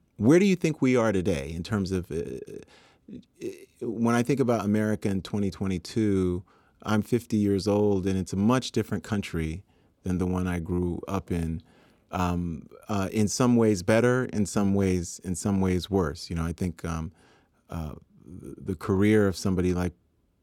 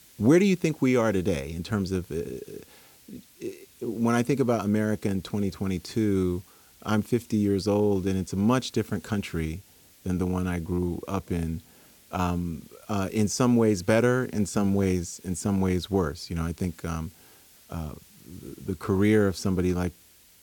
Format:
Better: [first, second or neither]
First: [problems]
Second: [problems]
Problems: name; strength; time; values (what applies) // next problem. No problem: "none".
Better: first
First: none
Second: hiss; faint; throughout; 25 dB below the speech